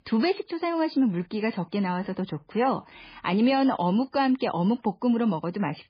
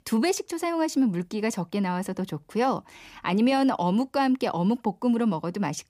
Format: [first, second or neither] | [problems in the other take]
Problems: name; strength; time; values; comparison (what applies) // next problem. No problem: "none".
second | garbled, watery; badly; nothing above 4.5 kHz